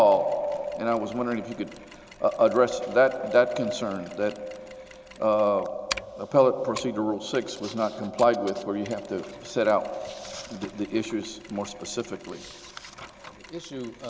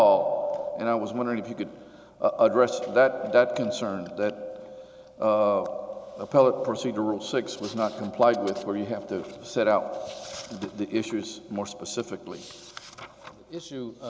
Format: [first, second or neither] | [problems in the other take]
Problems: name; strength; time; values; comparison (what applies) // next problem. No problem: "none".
second | background sound (Mechanisms); 20 dB below the speech